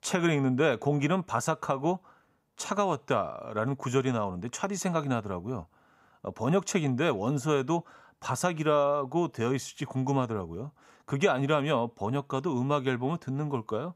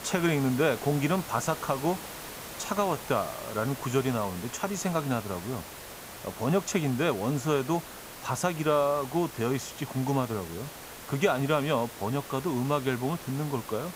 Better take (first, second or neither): first